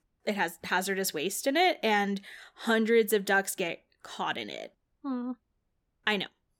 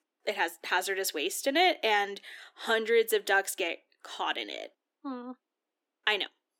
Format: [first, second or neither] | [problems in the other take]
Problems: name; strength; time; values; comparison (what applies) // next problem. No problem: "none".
first | thin; somewhat; fading below 300 Hz